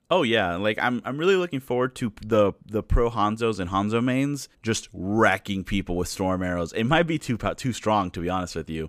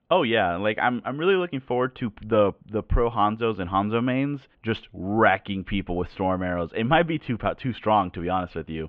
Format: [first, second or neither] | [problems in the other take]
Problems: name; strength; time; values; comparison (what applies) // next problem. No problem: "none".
first | muffled; very; fading above 3 kHz